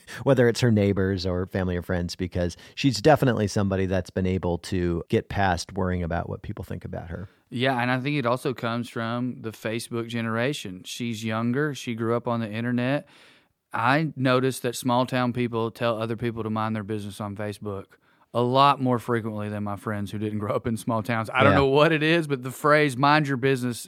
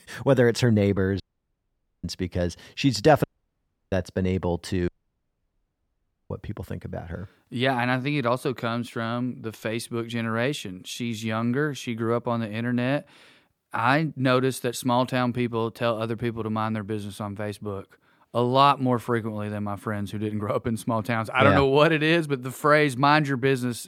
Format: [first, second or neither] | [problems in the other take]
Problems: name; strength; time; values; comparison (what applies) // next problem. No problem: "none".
first | audio cutting out; at 1 s for 1 s, at 3 s for 0.5 s and at 5 s for 1.5 s